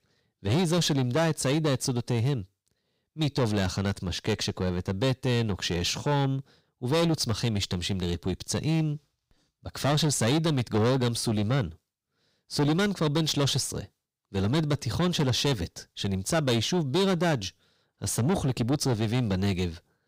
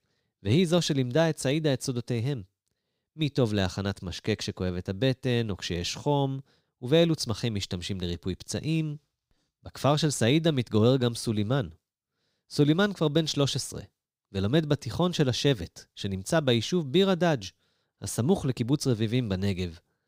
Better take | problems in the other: second | distortion; heavy; 7 dB below the speech

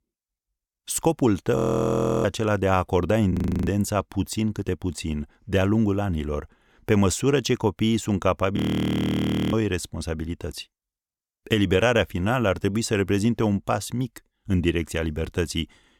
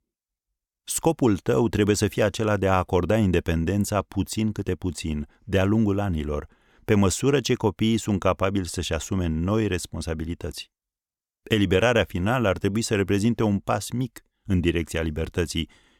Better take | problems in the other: second | audio freezing; at 1.5 s for 0.5 s, at 3.5 s and at 8.5 s for 1 s

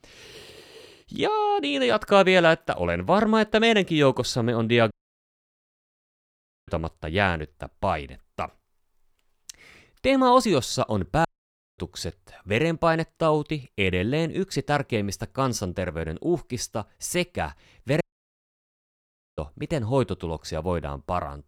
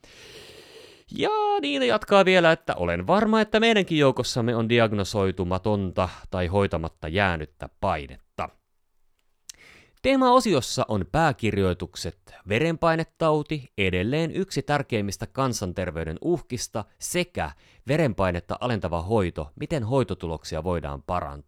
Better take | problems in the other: second | audio cutting out; at 5 s for 2 s, at 11 s for 0.5 s and at 18 s for 1.5 s

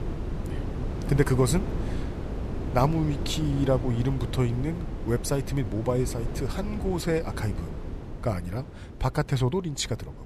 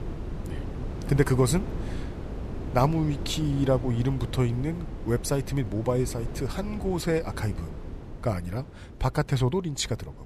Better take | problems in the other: second | wind noise on the microphone; heavy; 10 dB below the speech; occasional gusts in the second

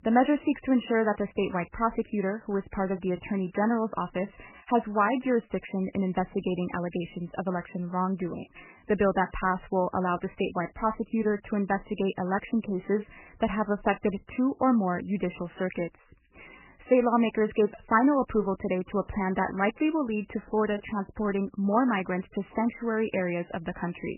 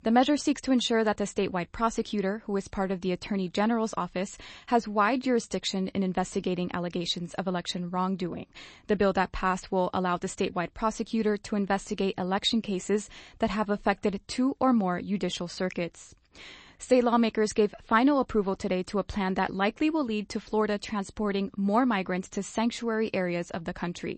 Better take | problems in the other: second | garbled, watery; badly; nothing above 3 kHz; slightly in the second

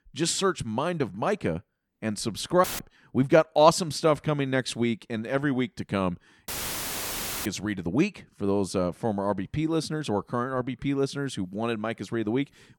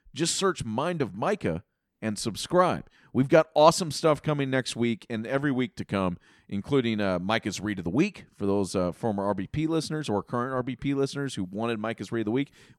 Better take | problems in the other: second | audio cutting out; filled with static; at 2.5 s and at 6.5 s for 1 s

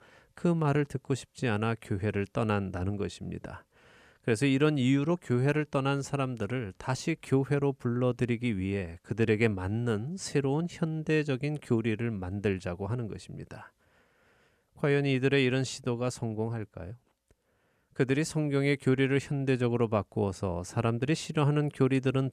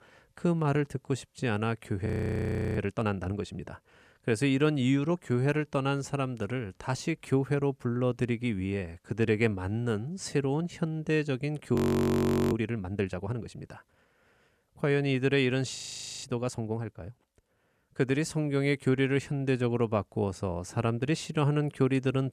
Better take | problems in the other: first | audio freezing; at 2 s for 0.5 s, at 12 s for 1 s and at 16 s

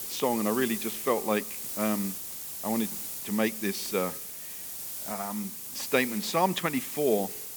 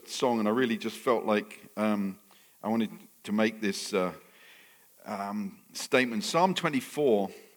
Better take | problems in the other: second | hiss; loud; throughout; 5 dB below the speech; faint in the second

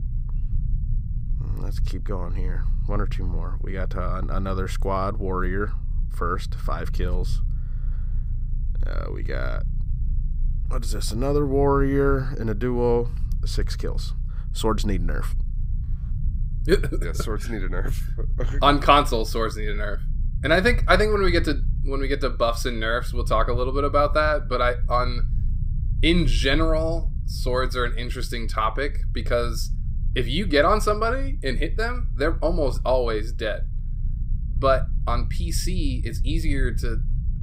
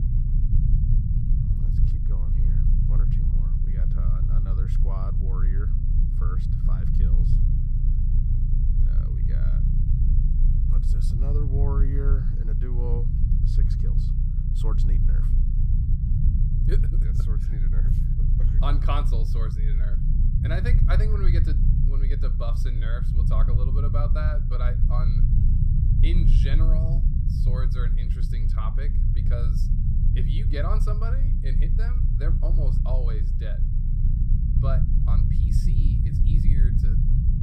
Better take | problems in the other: first | low rumble; loud; throughout; 1 dB below the speech; faint in the first

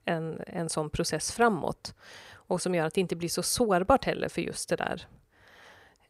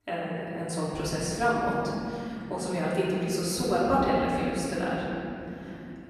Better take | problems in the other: first | room echo; strong; dies away in 3 s // off-mic speech; far

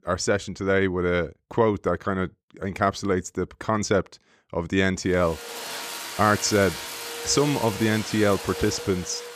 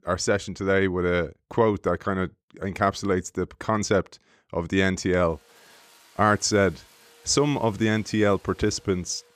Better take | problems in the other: second | household noises; loud; from 5.5 s on; 8 dB below the speech; faint in the second

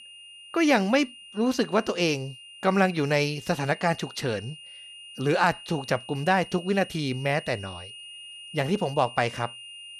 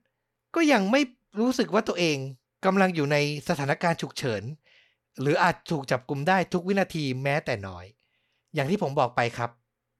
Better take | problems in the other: second | high-pitched whine; noticeable; throughout; 3 kHz, 15 dB below the speech

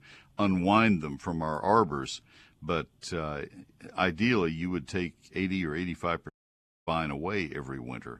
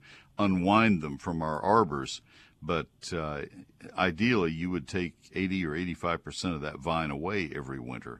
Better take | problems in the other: second | audio cutting out; at 6.5 s for 0.5 s

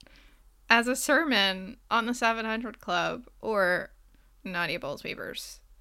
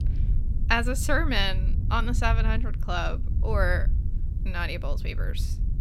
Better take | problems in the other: first | wind noise on the microphone; occasional gusts; 20 dB below the speech

